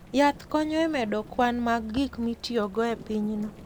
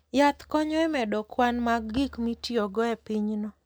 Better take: second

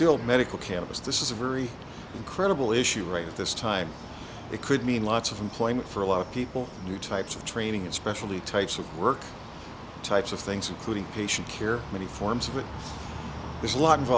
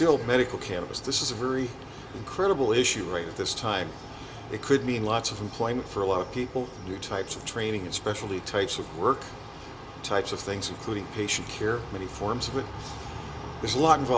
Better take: first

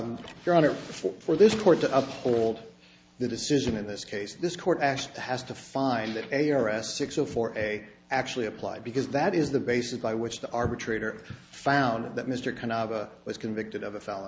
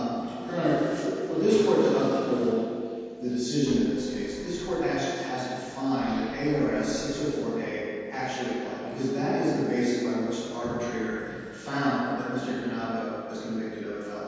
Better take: first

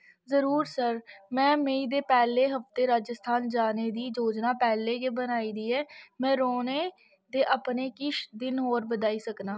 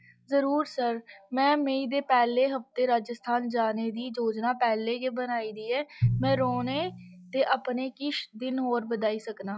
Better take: first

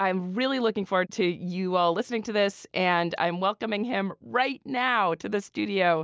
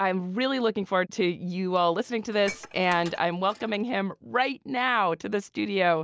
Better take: first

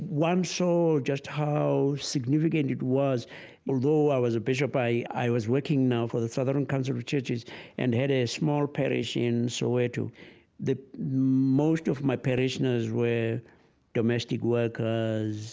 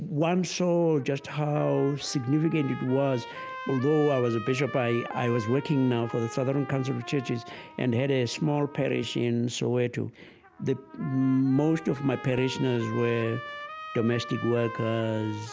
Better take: first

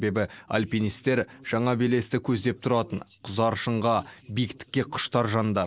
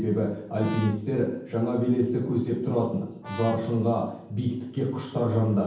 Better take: first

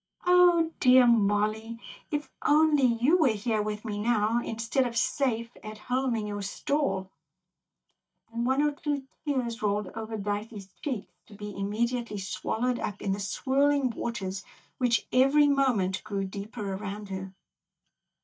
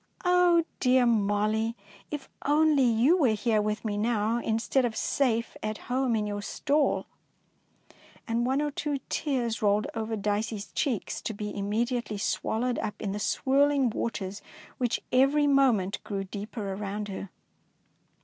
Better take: second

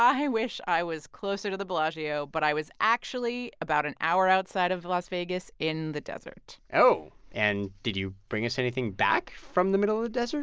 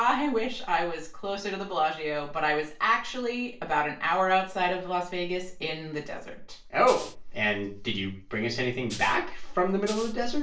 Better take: first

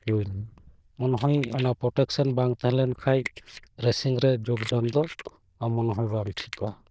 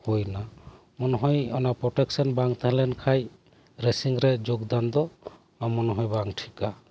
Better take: second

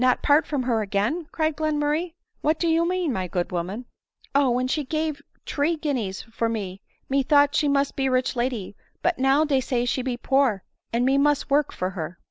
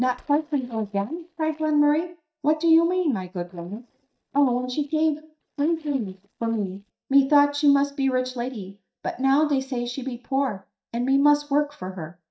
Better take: first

